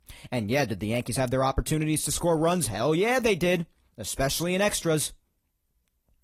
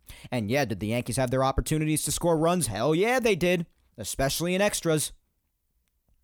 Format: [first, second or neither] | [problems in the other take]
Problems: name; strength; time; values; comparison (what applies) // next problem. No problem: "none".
second | garbled, watery; slightly